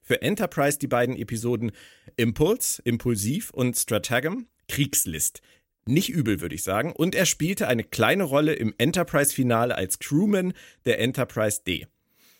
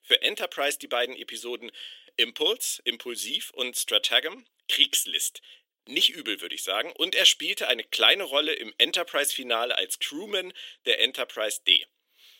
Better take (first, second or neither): first